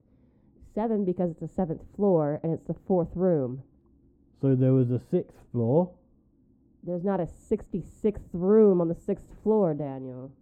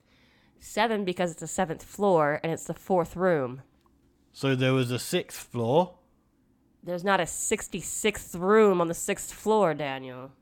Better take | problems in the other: second | muffled; very; fading above 1 kHz

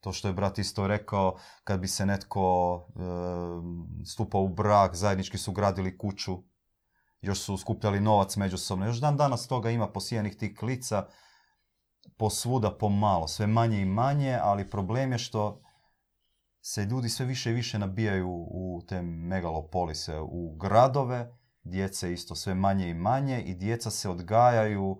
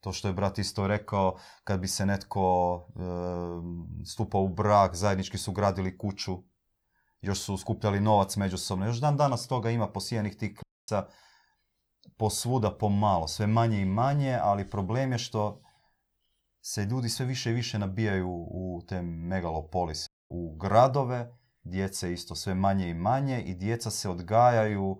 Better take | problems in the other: first | audio cutting out; at 11 s and at 20 s

